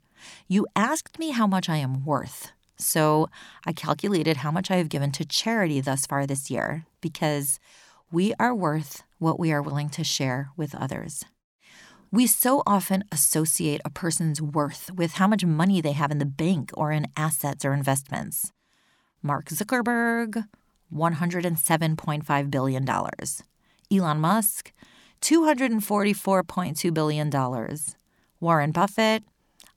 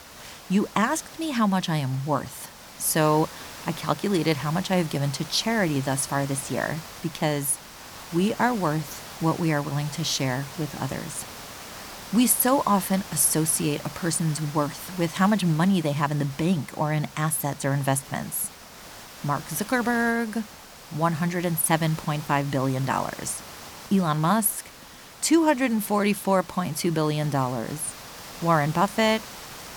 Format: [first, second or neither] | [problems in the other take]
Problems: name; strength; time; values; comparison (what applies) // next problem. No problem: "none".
first | hiss; noticeable; throughout; 15 dB below the speech